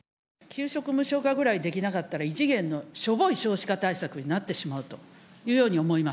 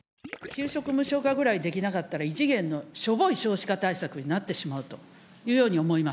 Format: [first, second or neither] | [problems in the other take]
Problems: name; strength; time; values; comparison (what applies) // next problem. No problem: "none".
first | background sound (Gurgling / Liquid); 19 dB below the speech